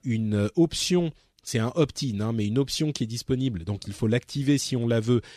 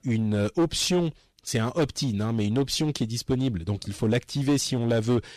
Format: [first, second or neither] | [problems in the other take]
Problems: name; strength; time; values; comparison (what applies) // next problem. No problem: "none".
first | distortion; slight; 10% of the sound clipped